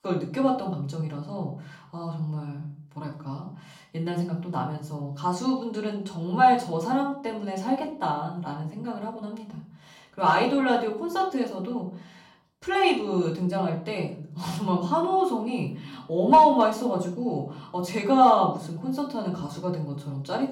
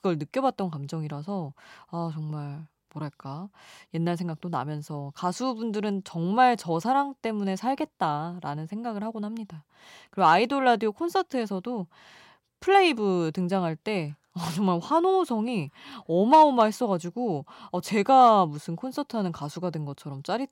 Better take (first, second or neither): second